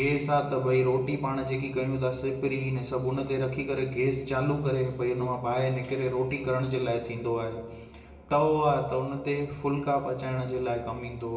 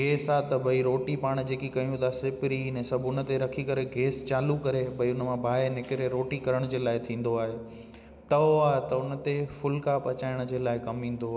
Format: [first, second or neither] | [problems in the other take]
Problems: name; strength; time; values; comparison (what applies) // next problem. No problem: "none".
second | room echo; dies away in 0.8 s